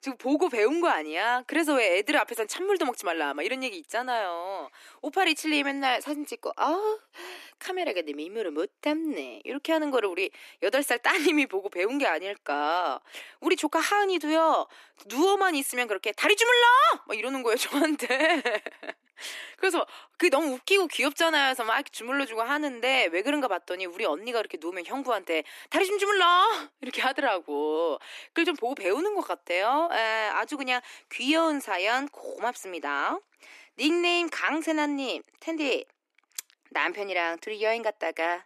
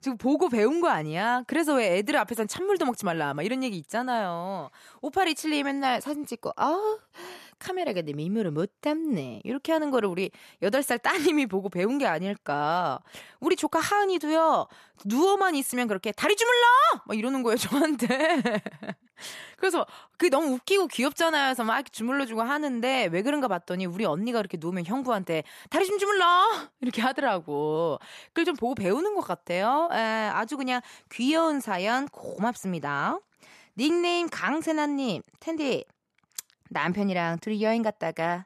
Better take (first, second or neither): second